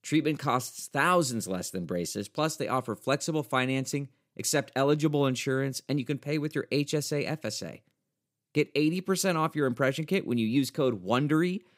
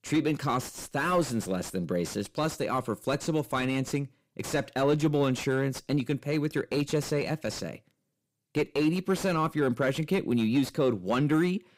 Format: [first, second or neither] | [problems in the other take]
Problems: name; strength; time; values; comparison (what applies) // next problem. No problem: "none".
first | distortion; slight; 9 dB below the speech